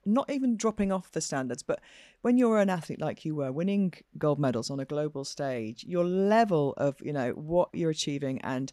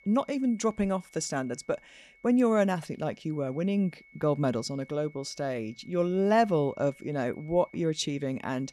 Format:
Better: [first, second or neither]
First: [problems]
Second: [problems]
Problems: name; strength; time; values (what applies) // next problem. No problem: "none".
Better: first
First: none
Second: high-pitched whine; faint; throughout; 2 kHz, 25 dB below the speech